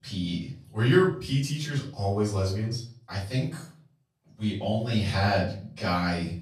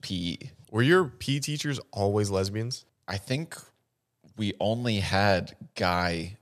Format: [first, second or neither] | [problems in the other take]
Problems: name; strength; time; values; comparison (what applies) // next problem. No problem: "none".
second | off-mic speech; far // room echo; noticeable; dies away in 0.4 s